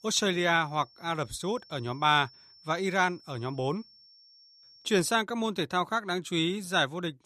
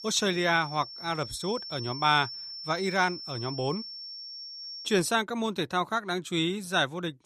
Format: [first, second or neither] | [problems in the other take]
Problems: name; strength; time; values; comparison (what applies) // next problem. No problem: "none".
first | high-pitched whine; loud; until 5 s; 5.5 kHz, 10 dB below the speech; faint in the first